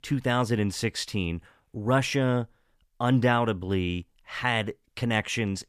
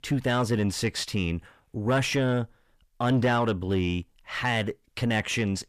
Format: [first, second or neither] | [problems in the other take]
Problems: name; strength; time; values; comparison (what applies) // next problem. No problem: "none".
first | distortion; slight; 10 dB below the speech